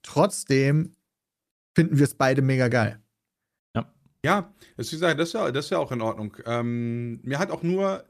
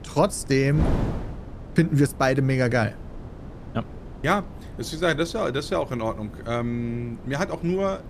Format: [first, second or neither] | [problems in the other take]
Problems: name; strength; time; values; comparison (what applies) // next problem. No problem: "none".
first | wind noise on the microphone; occasional gusts; 15 dB below the speech